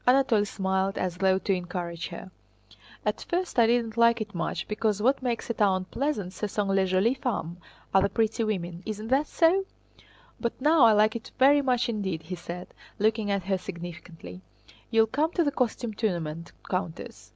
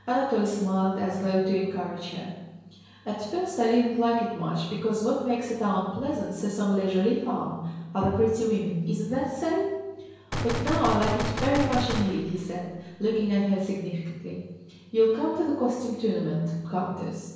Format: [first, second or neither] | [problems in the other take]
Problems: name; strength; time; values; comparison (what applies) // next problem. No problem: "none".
first | background sound (Gunshot, gunfire); 4 dB below the speech // room echo; dies away in 1 s